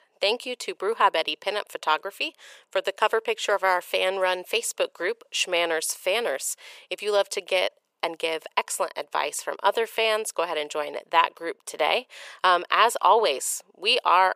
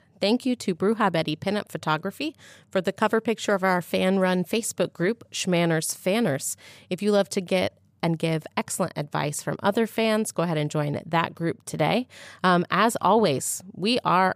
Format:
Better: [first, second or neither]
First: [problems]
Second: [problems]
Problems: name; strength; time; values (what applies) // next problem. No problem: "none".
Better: second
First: thin; very; fading below 450 Hz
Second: none